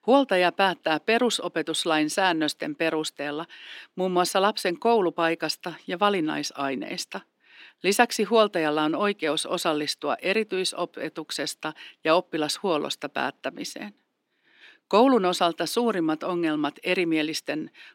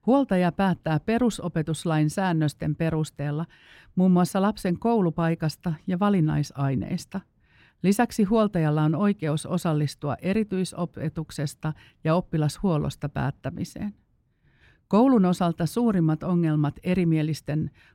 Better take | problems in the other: second | thin; somewhat; fading below 300 Hz

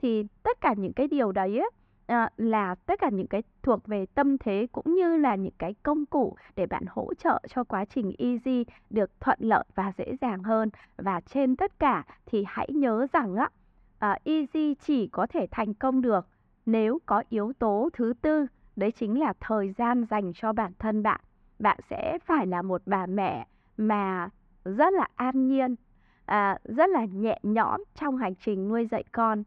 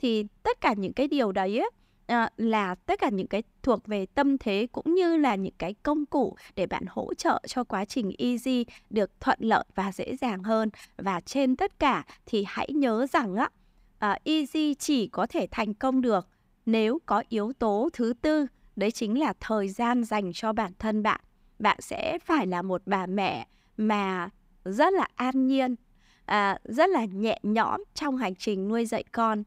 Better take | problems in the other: second | muffled; very; fading above 1.5 kHz

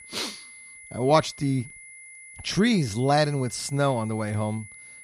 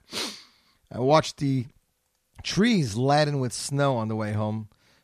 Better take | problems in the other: second | high-pitched whine; noticeable; throughout; 2 kHz, 20 dB below the speech

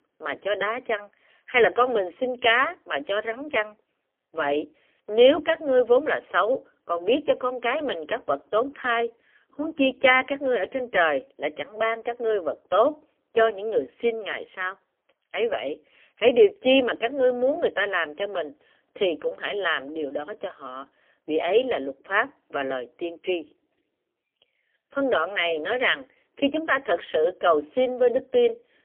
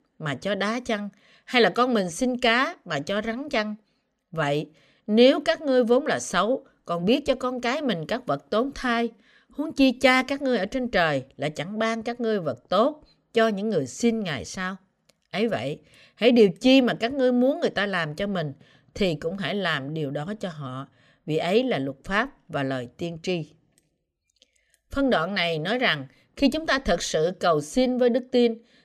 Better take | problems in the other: second | phone-call audio; poor line; nothing above 3.5 kHz

